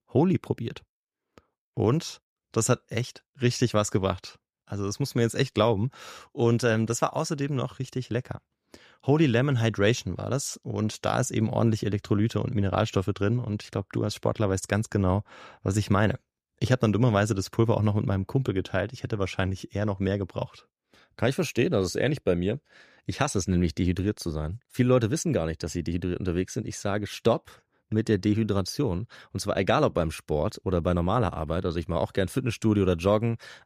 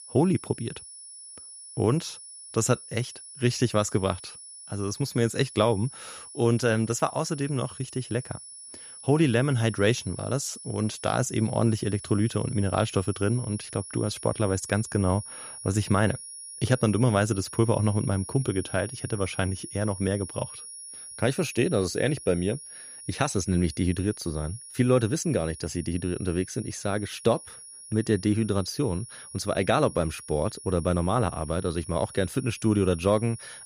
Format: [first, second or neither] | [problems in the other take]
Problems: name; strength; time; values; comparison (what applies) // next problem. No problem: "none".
first | high-pitched whine; noticeable; throughout; 10.5 kHz, 15 dB below the speech